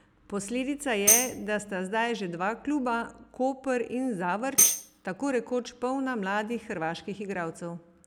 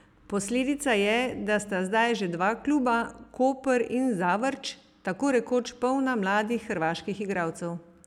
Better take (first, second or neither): second